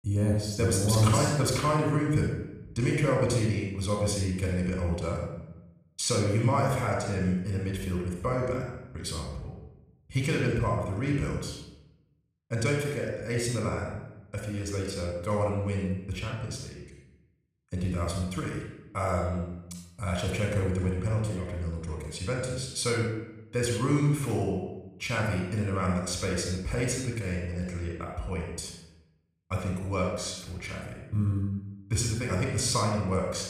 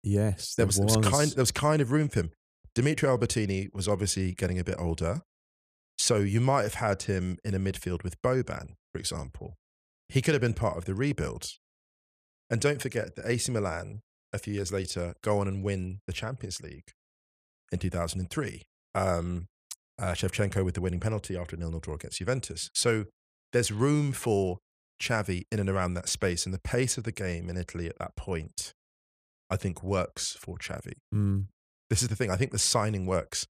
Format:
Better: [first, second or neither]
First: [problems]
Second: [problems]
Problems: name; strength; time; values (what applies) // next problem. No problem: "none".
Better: second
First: off-mic speech; somewhat distant // room echo; noticeable; dies away in 0.8 s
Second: none